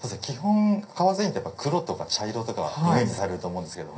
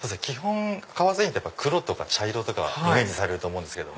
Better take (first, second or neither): second